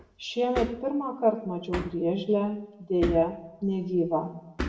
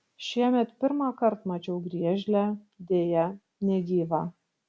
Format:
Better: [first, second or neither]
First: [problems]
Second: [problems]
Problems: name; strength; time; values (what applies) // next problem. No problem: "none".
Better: second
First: background sound (Hammer); 10 dB below the speech // room echo; dies away in 0.8 s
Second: none